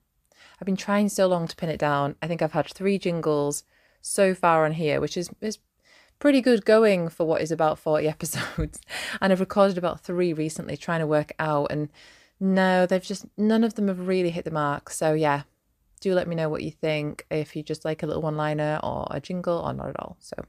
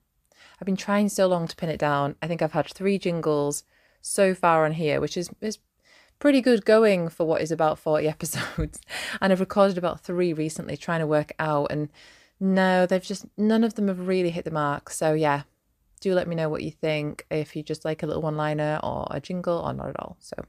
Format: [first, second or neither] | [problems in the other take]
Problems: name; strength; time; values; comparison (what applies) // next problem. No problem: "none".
neither | none